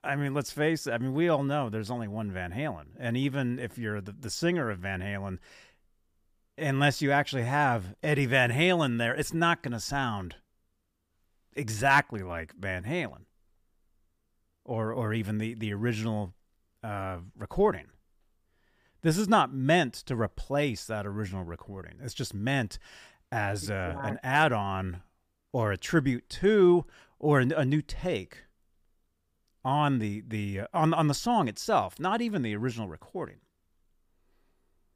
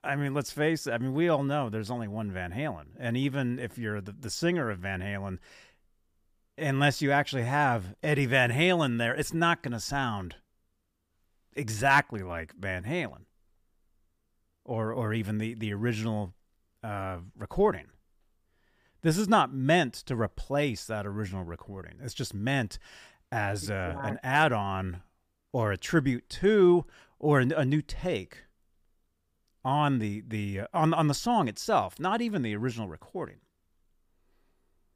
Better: neither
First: none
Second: none

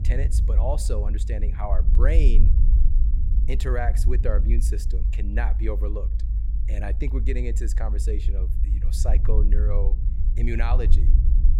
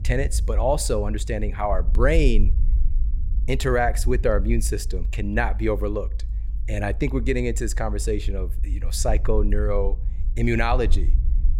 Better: second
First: low rumble; loud; throughout; 10 dB below the speech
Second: low rumble; faint; throughout; 20 dB below the speech

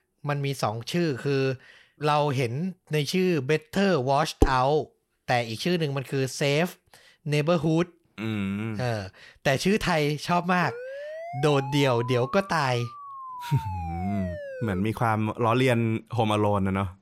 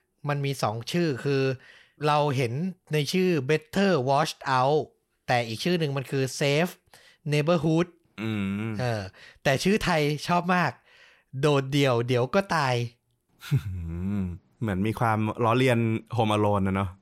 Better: second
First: clattering dishes; noticeable; at 4.5 s; peak 1 dB below the speech // siren; faint; from 11 to 15 s; peak 10 dB below the speech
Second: none

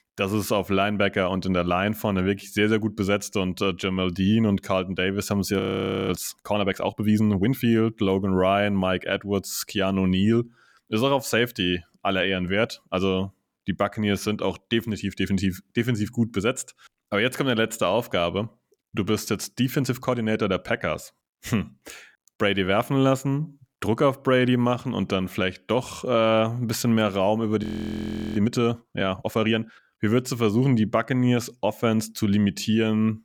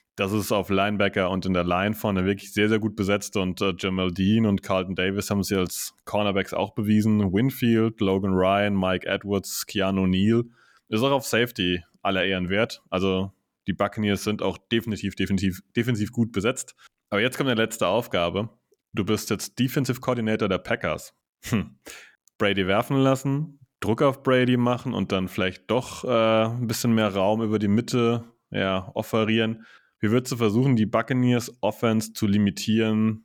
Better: second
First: audio freezing; at 5.5 s for 0.5 s and at 28 s for 0.5 s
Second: none

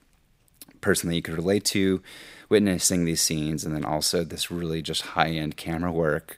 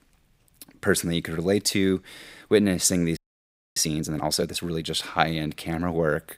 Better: first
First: none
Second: audio freezing; at 3 s for 0.5 s

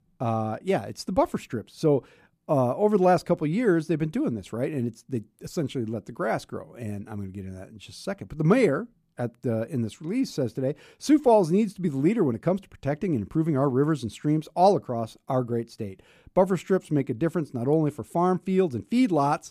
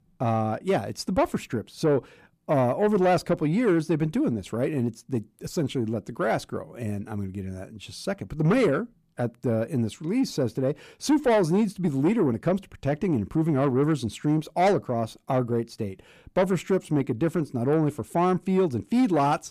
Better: first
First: none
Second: distortion; slight; 10 dB below the speech

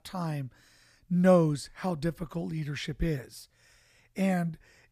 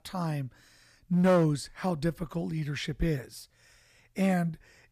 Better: first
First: none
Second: distortion; slight; 2% of the sound clipped

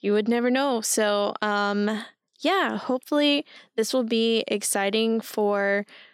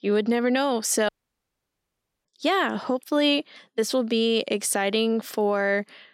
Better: first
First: none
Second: audio cutting out; at 1 s for 1 s

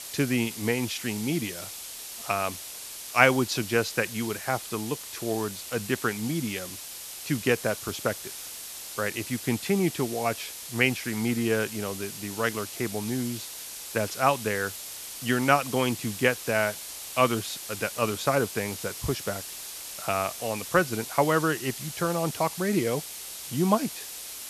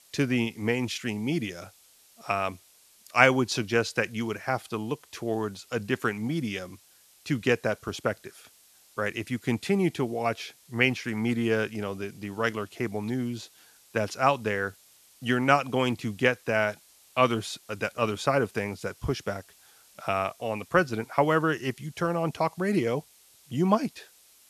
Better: second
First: hiss; loud; throughout; 9 dB below the speech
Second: hiss; faint; throughout; 25 dB below the speech

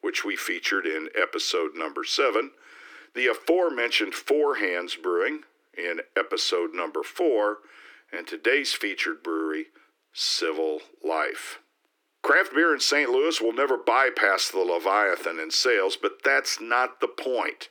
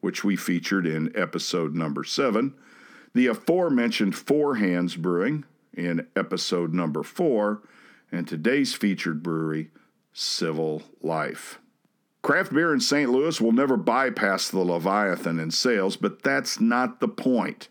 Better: second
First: thin; very; fading below 300 Hz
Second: none

